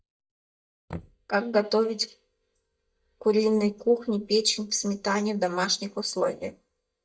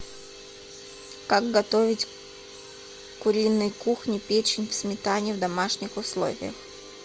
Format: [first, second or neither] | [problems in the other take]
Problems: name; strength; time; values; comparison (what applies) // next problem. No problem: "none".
second | noise reduction (neural mask model DeepFilterNet 3)